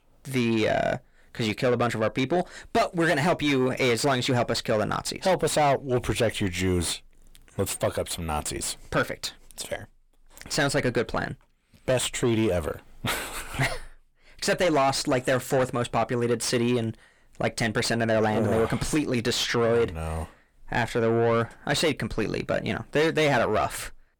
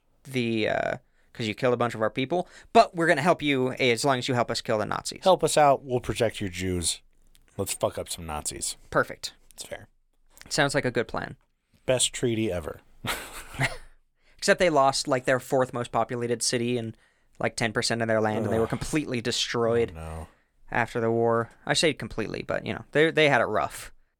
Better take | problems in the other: second | distortion; heavy; 7 dB below the speech

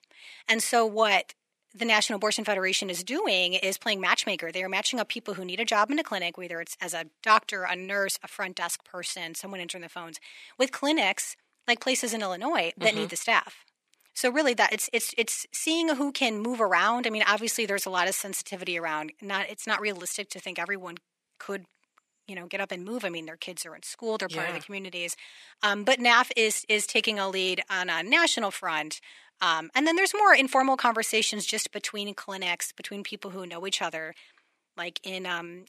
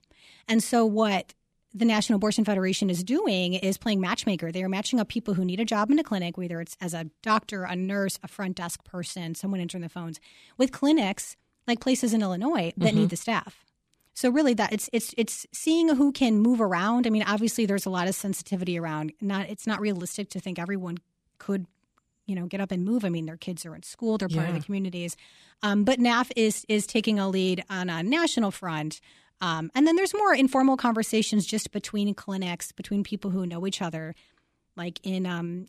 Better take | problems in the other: second | thin; somewhat; fading below 550 Hz

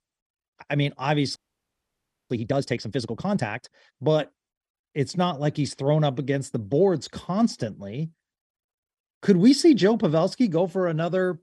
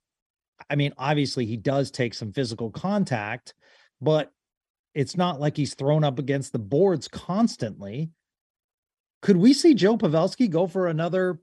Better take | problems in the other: second | audio freezing; at 1.5 s for 1 s

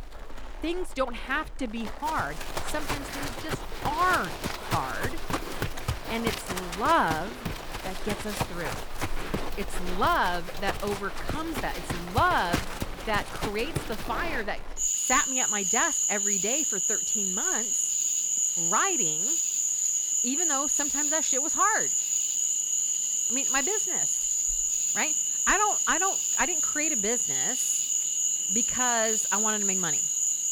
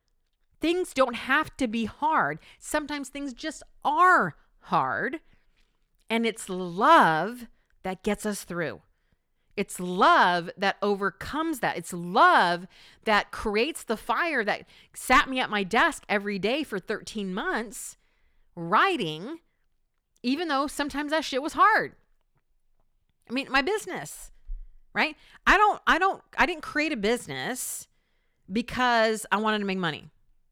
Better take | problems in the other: second | animal sounds; very loud; throughout; 5 dB above the speech

